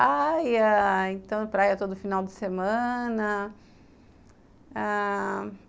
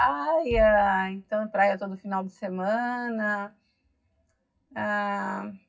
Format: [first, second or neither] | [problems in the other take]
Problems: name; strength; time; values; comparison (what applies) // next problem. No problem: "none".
first | noise reduction (classical method WPE with log-MMSE)